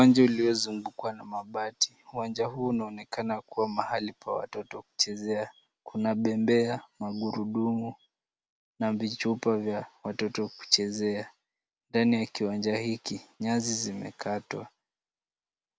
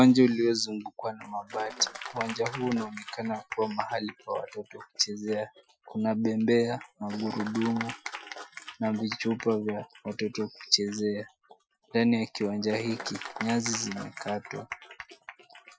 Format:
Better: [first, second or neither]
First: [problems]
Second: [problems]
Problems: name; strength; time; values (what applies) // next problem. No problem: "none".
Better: first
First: none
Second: noise reduction (classical method Wiener filter)